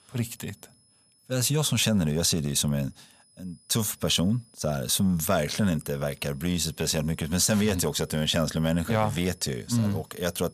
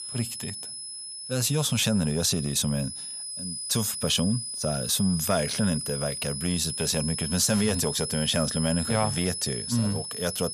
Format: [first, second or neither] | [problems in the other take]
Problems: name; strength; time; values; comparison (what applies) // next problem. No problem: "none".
first | high-pitched whine; loud; throughout; 10 kHz, 5 dB below the speech; faint in the first